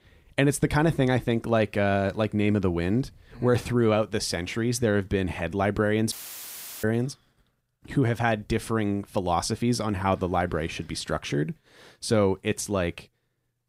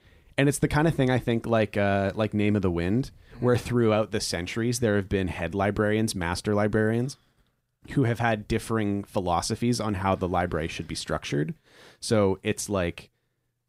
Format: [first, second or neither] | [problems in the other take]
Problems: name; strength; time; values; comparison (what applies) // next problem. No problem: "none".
second | audio cutting out; filled with static; at 6 s for 0.5 s